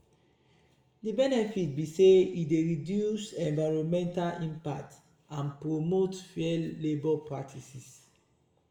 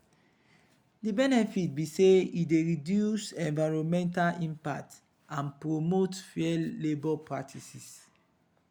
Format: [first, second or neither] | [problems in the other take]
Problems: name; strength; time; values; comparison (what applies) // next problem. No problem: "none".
second | room echo; dies away in 0.6 s